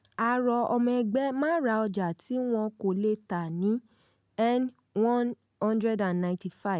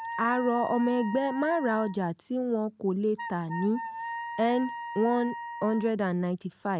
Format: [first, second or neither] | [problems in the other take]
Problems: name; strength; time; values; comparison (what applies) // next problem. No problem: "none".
first | background sound (Wind instrument, woodwind instrument); 10 dB below the speech